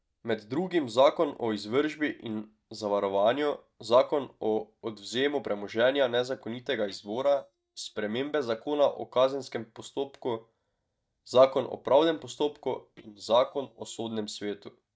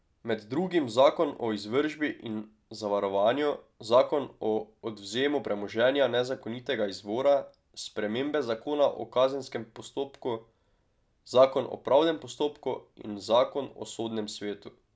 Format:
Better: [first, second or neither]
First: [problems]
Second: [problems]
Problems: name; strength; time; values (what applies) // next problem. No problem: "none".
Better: second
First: noise reduction (neural mask model DeepFilterNet 3)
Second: none